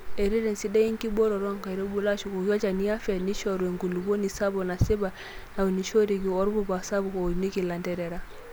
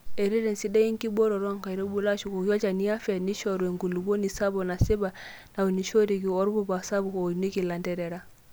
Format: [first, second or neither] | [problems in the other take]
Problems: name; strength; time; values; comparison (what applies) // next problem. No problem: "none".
second | background sound (Bird); 12 dB below the speech